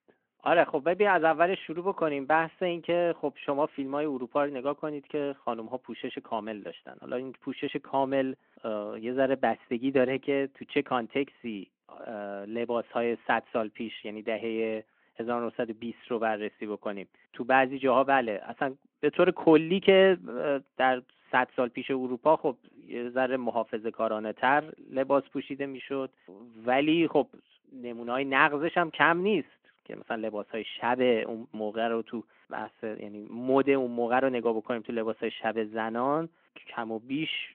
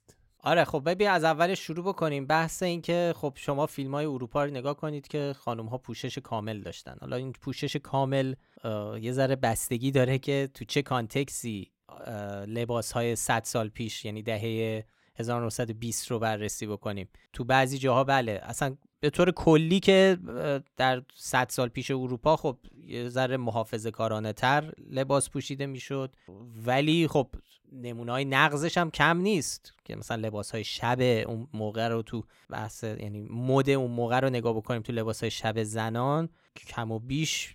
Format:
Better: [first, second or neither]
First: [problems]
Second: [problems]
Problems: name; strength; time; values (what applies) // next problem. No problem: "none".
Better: second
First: phone-call audio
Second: none